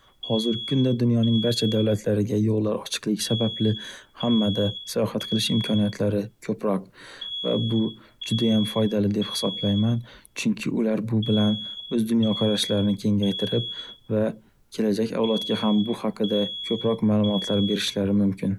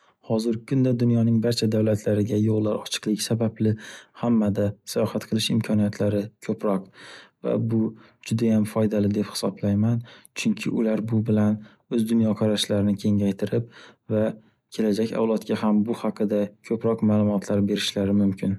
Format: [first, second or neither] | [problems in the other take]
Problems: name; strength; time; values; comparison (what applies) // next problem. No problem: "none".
second | background sound (Alarm); 12 dB below the speech